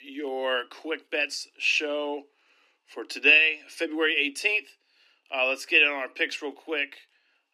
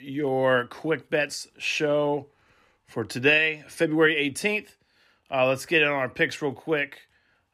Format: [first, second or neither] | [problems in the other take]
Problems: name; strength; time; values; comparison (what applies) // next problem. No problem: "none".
second | thin; very slightly; fading below 250 Hz